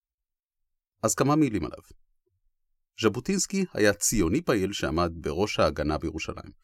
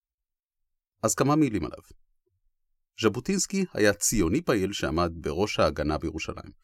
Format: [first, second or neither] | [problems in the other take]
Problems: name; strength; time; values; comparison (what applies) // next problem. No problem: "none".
neither | none